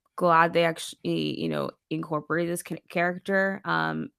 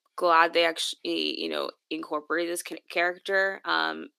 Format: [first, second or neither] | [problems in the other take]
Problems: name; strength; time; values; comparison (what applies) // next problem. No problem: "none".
first | thin; somewhat; fading below 350 Hz